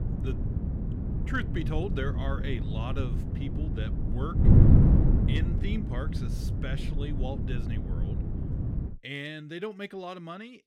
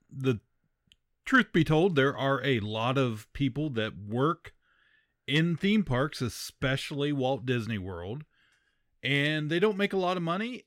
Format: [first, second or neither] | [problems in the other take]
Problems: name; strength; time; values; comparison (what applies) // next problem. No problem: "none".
second | wind noise on the microphone; heavy; until 9 s; as loud as the speech